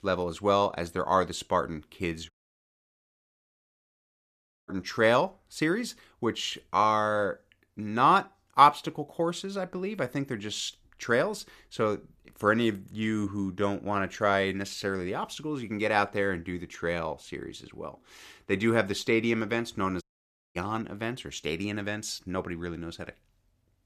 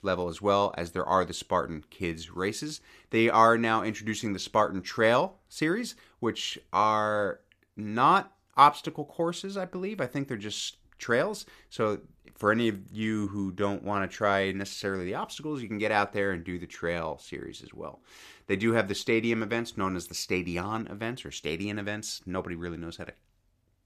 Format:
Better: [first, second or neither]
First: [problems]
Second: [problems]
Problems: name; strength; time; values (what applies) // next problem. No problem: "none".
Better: second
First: audio cutting out; at 2.5 s for 2.5 s and at 20 s for 0.5 s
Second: none